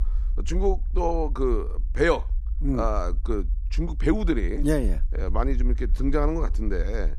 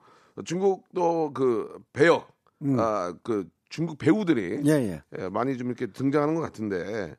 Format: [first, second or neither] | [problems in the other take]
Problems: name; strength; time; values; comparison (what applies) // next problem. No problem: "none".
second | low rumble; faint; throughout; 25 dB below the speech